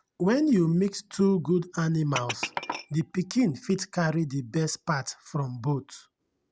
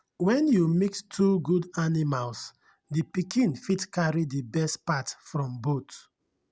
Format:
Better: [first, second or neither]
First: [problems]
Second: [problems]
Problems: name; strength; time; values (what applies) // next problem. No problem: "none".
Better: second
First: background sound (Glass); 12 dB below the speech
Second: none